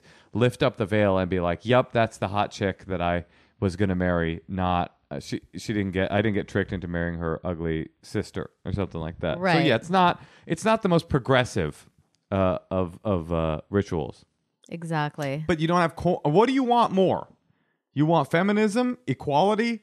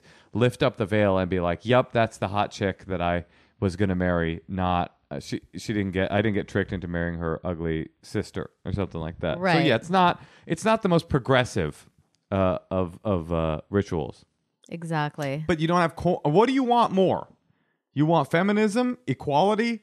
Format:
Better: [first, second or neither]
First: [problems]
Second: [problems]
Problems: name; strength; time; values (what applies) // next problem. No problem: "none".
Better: neither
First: none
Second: none